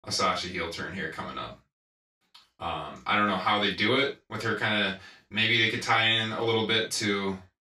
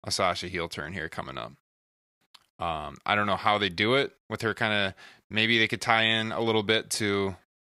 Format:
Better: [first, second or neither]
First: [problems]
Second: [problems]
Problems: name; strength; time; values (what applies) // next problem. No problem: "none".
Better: second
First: room echo; noticeable; dies away in 0.2 s // off-mic speech; far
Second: none